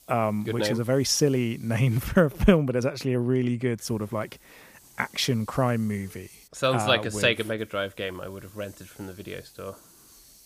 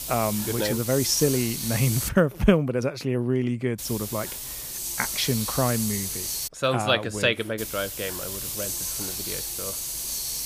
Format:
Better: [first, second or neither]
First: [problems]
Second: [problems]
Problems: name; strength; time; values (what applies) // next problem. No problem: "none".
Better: first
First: hiss; faint; until 2 s, from 4 to 6.5 s and from 7.5 s on; 25 dB below the speech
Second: hiss; loud; until 2 s, from 4 to 6.5 s and from 7.5 s on; 4 dB below the speech